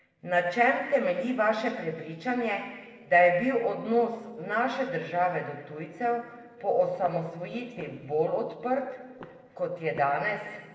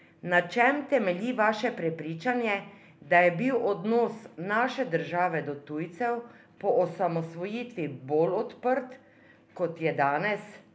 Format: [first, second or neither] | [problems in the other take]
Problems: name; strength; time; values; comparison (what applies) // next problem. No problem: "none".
second | noise reduction (neural separator model SepFormer DNS4)